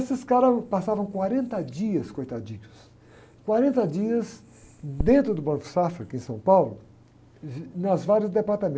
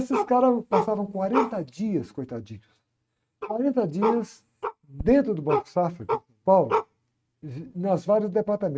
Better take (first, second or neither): first